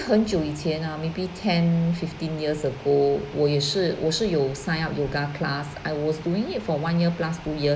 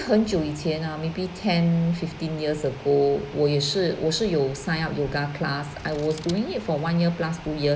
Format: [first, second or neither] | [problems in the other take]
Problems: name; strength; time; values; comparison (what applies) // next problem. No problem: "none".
first | background sound (Scissors); 20 dB below the speech